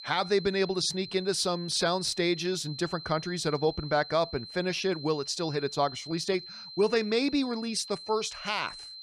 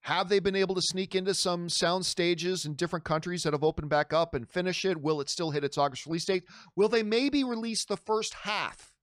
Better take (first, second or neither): second